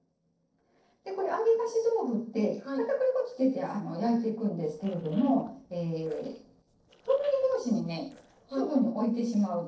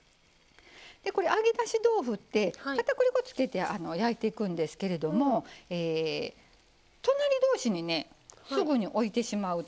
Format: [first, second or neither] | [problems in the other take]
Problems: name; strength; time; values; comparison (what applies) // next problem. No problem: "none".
second | noise reduction (neural separator model SepFormer DNS4)